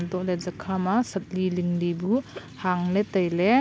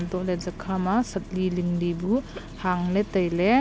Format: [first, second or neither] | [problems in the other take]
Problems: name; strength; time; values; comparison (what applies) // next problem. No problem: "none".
first | background sound (Engine starting); 16 dB below the speech